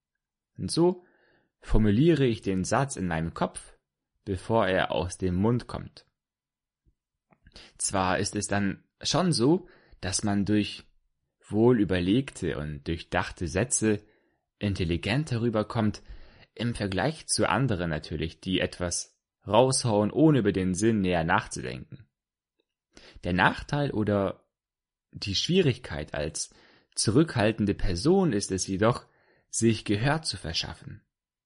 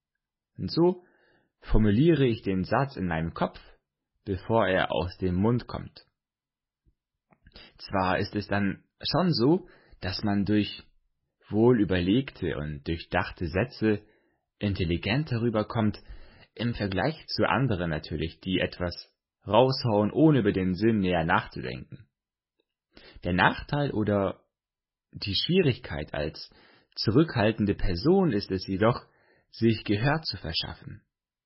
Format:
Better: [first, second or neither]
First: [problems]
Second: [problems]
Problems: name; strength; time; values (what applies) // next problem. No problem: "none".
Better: first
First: garbled, watery; slightly; nothing above 10.5 kHz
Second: garbled, watery; badly; nothing above 5.5 kHz